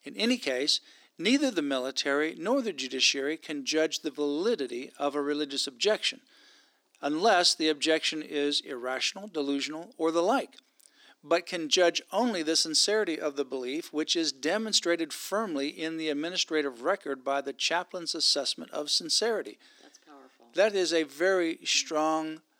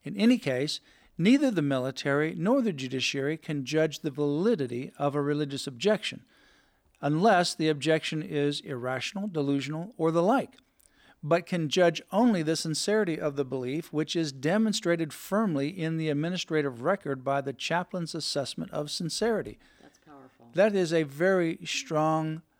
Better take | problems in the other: second | thin; very slightly; fading below 300 Hz

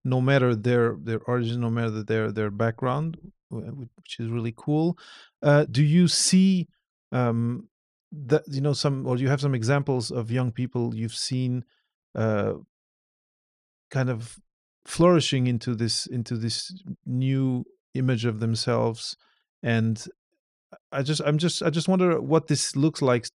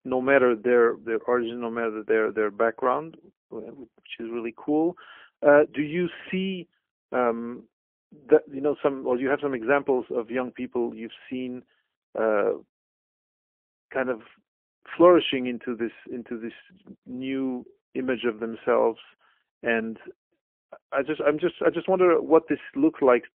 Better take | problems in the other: first | phone-call audio; poor line; nothing above 3.5 kHz

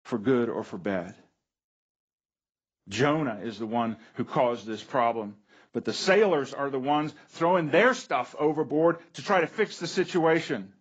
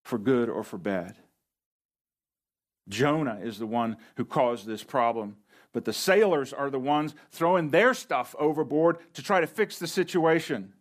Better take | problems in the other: second | garbled, watery; badly; nothing above 7.5 kHz

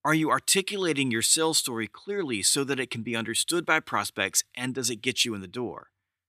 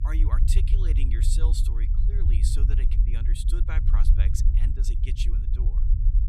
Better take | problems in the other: first | low rumble; loud; throughout; 3 dB below the speech

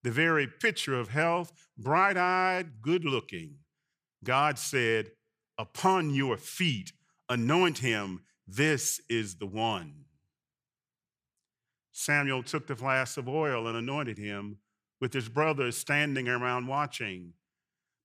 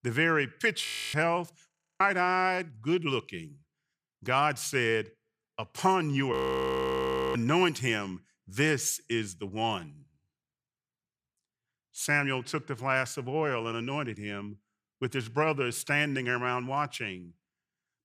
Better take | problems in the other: first | audio freezing; at 1 s, at 1.5 s and at 6.5 s for 1 s

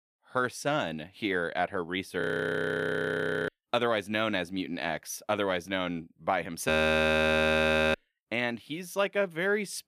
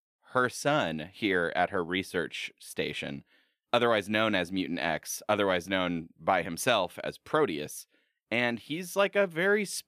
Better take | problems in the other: second | audio freezing; at 2 s for 1.5 s and at 6.5 s for 1.5 s

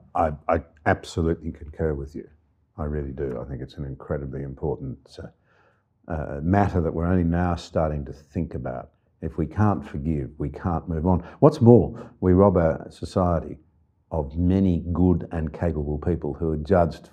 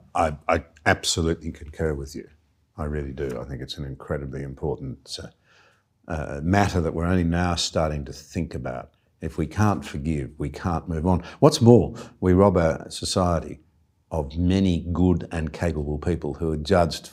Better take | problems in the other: second | muffled; very; fading above 2 kHz

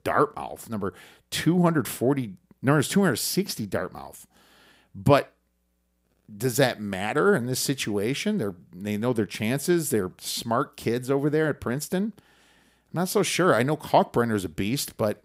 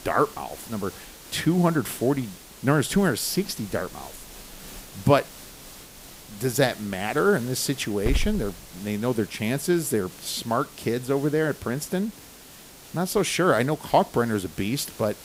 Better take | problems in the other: first | hiss; noticeable; throughout; 15 dB below the speech

